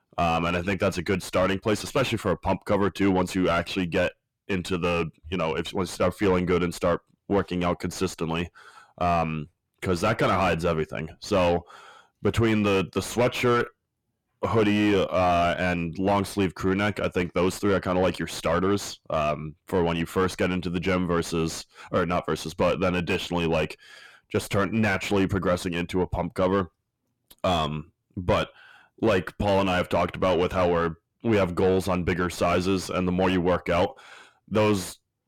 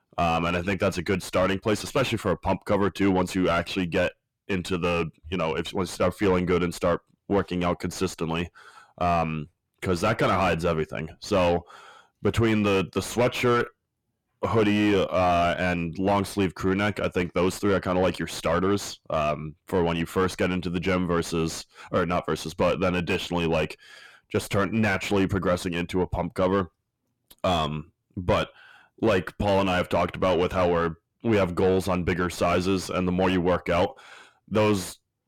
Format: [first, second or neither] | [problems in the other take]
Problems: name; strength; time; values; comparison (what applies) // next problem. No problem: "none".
neither | distortion; heavy; 5 dB below the speech; the same in both